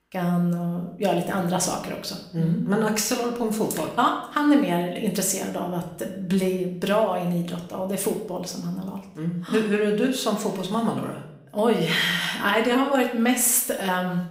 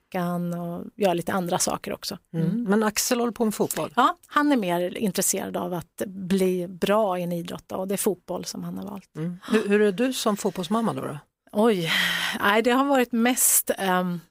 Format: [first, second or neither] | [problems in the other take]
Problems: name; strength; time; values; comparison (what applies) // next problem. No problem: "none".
second | room echo; slight; dies away in 0.6 s // off-mic speech; somewhat distant